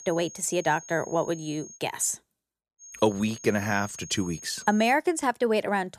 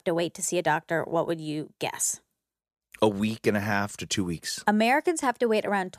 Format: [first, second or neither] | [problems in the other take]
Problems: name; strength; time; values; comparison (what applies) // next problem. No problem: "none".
second | high-pitched whine; noticeable; until 2 s and from 3 to 5 s; 6.5 kHz, 15 dB below the speech